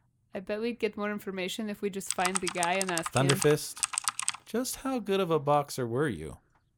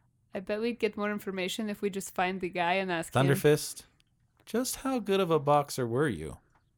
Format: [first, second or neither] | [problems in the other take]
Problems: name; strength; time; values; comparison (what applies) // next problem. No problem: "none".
second | keyboard typing; loud; from 2 to 4.5 s; peak 2 dB above the speech